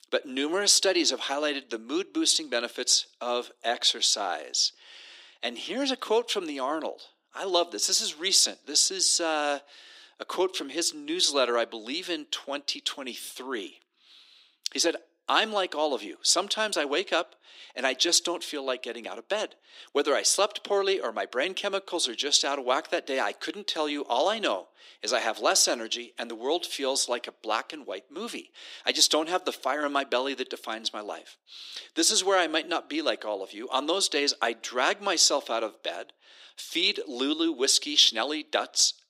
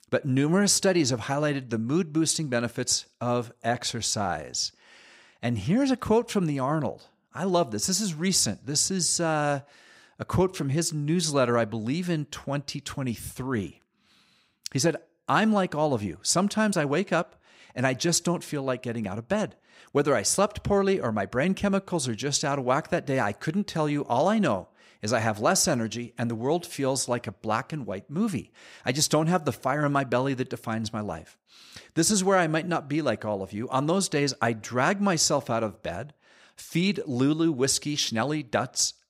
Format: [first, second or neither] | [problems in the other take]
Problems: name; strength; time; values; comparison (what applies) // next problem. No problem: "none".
second | thin; somewhat; fading below 300 Hz